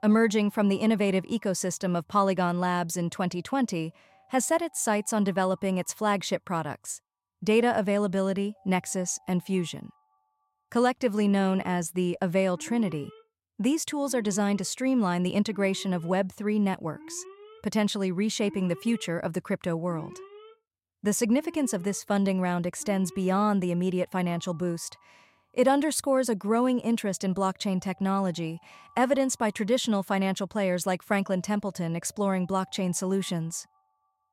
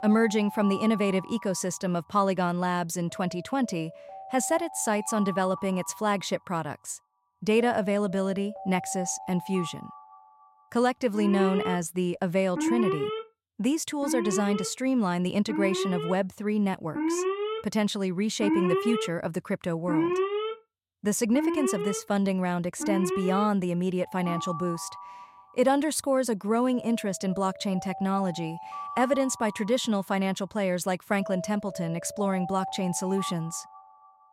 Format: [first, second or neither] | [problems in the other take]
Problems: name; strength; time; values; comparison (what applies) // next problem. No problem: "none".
first | alarms or sirens; loud; throughout; 6 dB below the speech; faint in the first